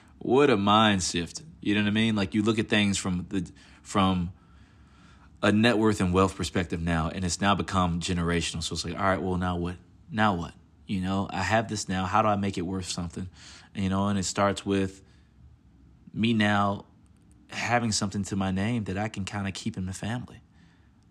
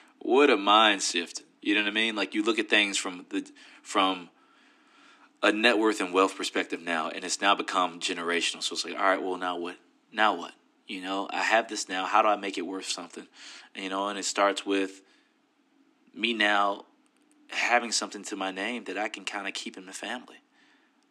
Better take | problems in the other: first | thin; somewhat; fading below 300 Hz

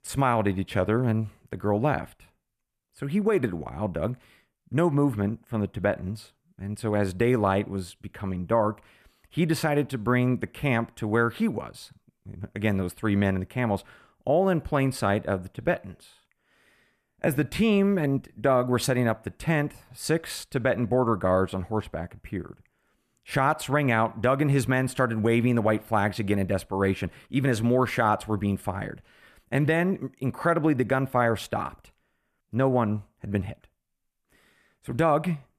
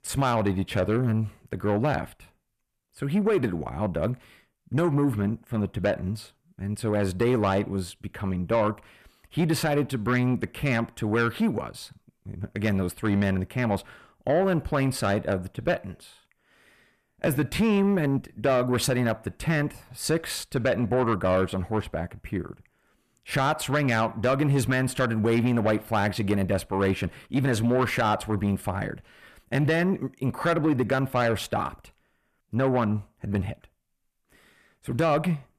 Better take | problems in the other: first | distortion; slight; 10 dB below the speech

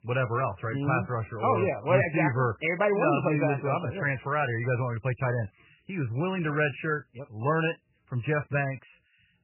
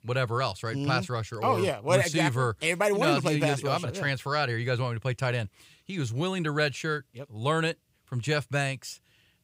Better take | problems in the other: second | garbled, watery; badly; nothing above 3 kHz

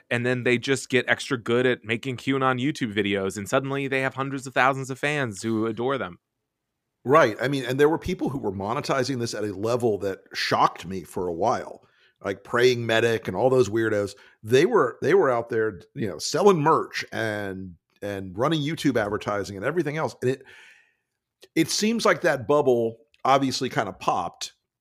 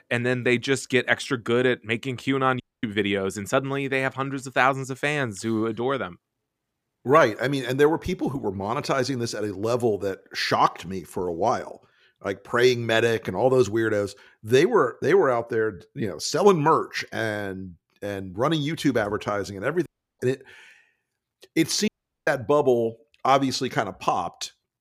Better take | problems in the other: first | audio cutting out; at 2.5 s, at 20 s and at 22 s

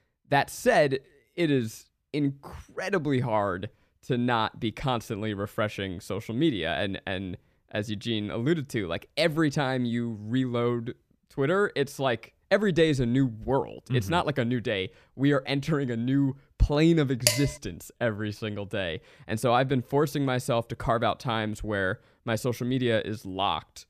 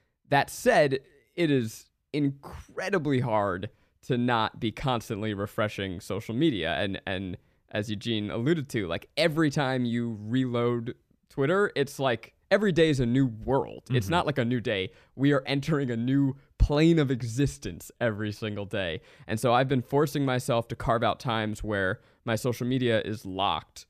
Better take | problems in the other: second | clattering dishes; loud; at 17 s; peak 3 dB above the speech

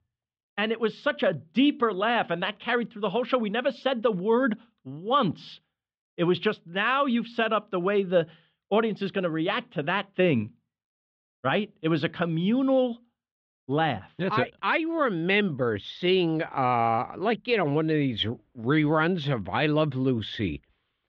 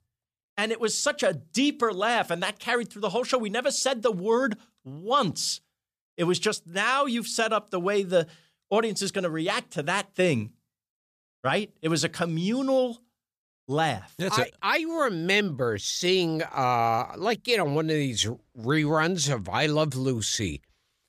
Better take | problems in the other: second | muffled; very; fading above 3.5 kHz

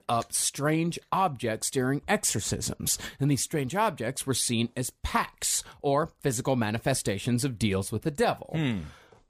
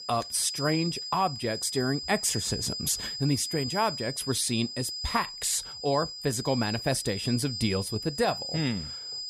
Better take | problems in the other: first | high-pitched whine; loud; throughout; 5 kHz, 5 dB below the speech

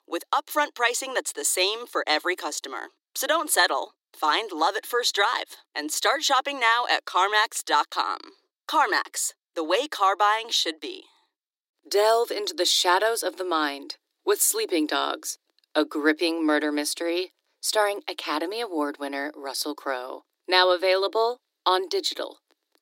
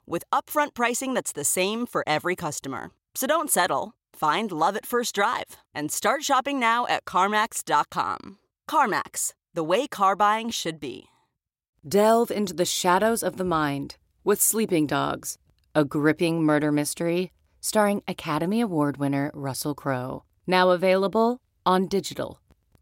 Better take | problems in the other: second | thin; somewhat; fading below 300 Hz

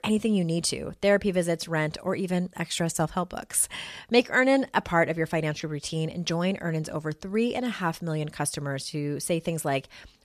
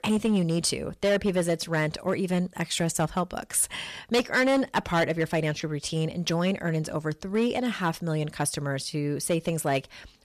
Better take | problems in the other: first | distortion; slight; 5% of the sound clipped

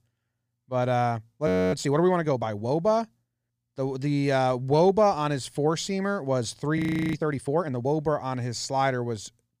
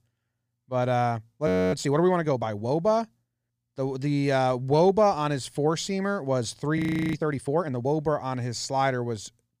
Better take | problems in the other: neither | audio freezing; at 1.5 s and at 7 s; the same in both

